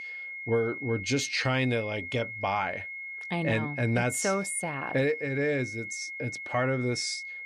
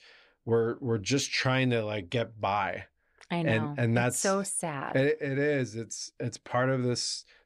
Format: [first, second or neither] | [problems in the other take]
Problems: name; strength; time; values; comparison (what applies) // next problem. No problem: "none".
second | high-pitched whine; loud; throughout; 2 kHz, 7 dB below the speech